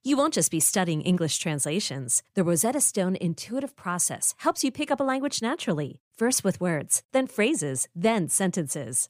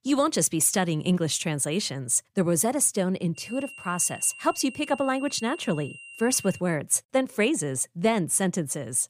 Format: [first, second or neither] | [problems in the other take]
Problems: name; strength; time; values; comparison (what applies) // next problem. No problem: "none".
first | high-pitched whine; noticeable; from 3.5 to 6.5 s; 3 kHz, 15 dB below the speech